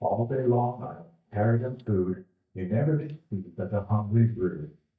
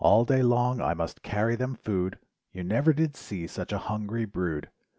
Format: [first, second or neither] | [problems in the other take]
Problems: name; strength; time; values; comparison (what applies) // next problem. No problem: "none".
second | noise reduction (neural mask model DeepFilterNet 3)